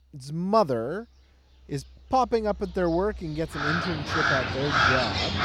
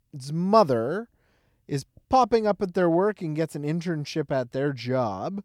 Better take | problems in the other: second | animal sounds; very loud; throughout; 3 dB above the speech

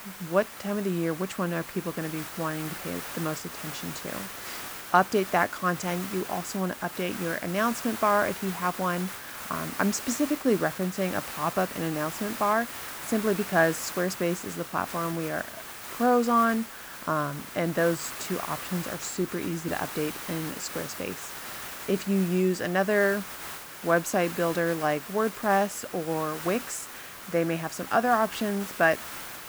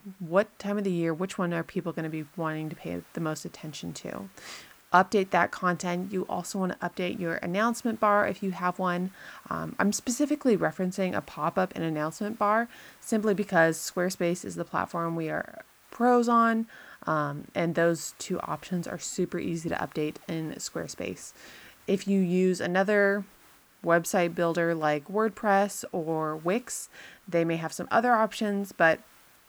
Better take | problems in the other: second | hiss; loud; throughout; 9 dB below the speech; faint in the second

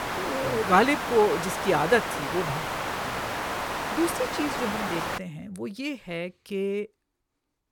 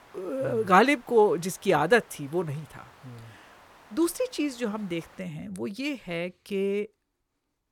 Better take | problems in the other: second | hiss; loud; until 5 s; 3 dB below the speech; faint in the second

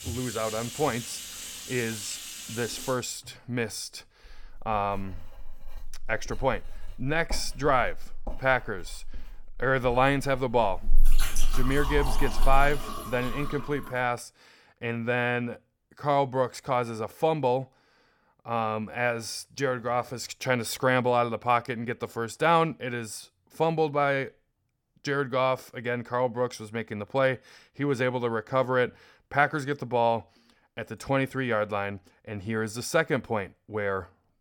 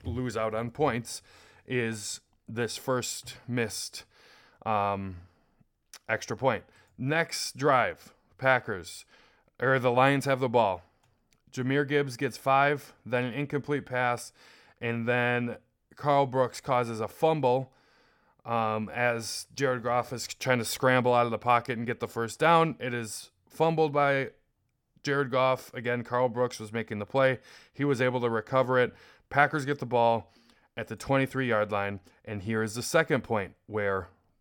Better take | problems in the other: second | household noises; loud; until 14 s; 7 dB below the speech

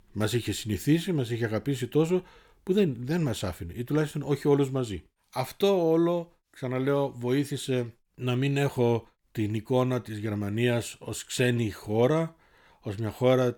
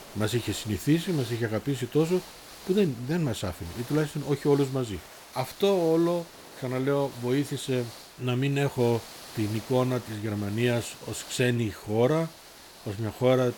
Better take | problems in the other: first | hiss; noticeable; throughout; 15 dB below the speech

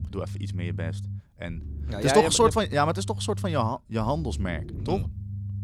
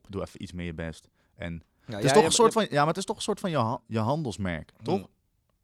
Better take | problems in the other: second | low rumble; faint; throughout; 25 dB below the speech

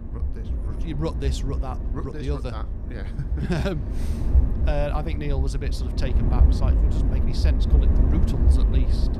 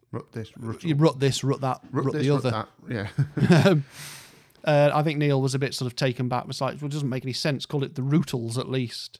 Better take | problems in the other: second | wind noise on the microphone; heavy; 4 dB below the speech

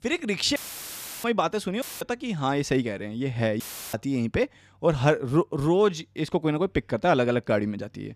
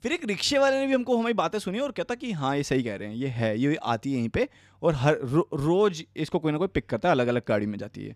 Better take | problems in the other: second | audio cutting out; filled with static; at 0.5 s for 0.5 s, at 2 s and at 3.5 s

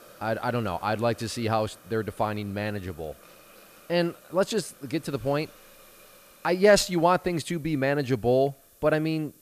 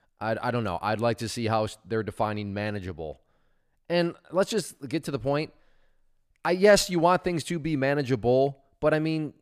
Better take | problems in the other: second | hiss; faint; throughout; 25 dB below the speech

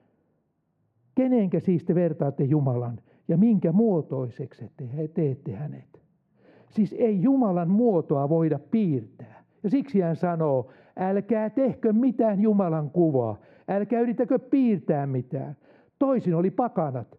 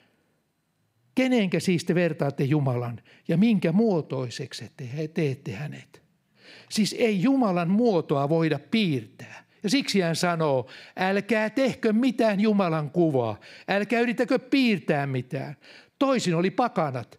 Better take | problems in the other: second | muffled; very; fading above 2 kHz

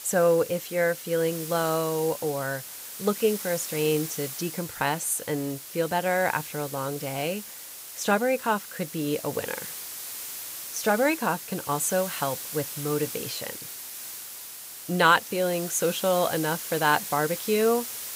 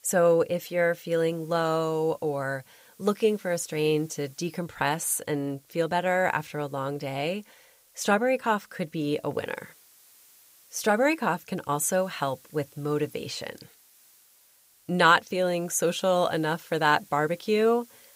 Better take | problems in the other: second | hiss; loud; throughout; 8 dB below the speech; faint in the second

